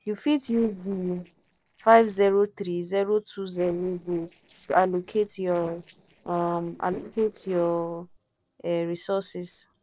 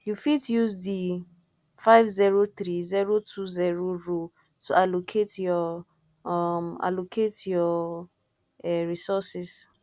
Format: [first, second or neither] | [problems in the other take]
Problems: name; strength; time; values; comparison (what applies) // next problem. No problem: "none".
second | noise reduction (neural separator model SepFormer DNS4)